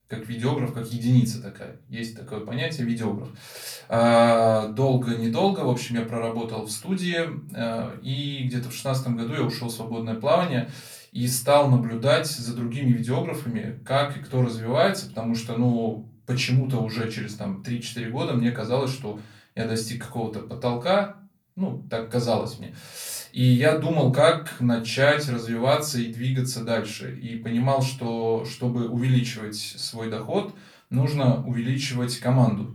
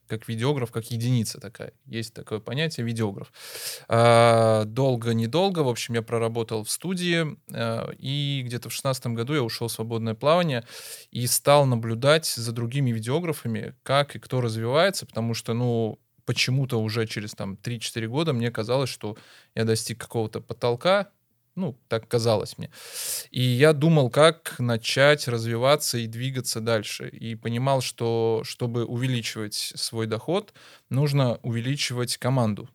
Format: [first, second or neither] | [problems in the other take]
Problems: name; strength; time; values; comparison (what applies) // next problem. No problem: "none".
second | off-mic speech; far // room echo; very slight; dies away in 0.3 s